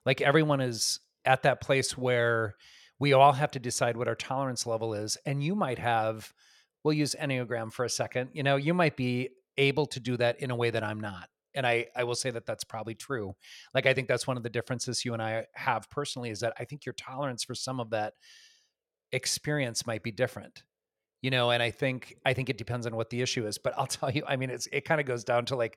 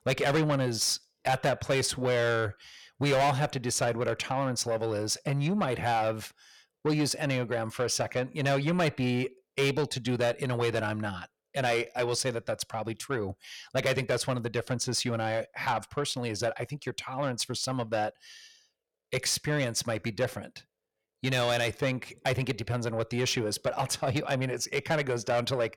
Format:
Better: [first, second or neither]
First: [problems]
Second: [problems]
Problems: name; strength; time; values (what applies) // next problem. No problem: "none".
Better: first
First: none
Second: distortion; heavy; 8 dB below the speech